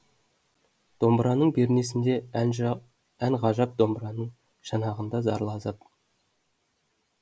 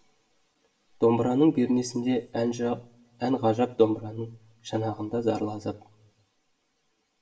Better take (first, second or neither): first